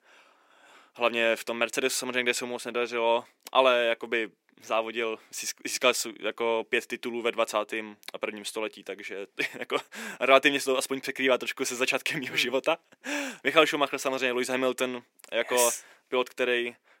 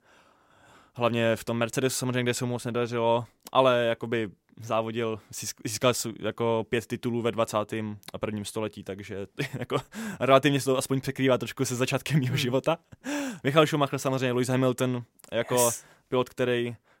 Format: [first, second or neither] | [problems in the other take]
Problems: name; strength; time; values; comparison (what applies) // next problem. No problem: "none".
second | thin; somewhat; fading below 300 Hz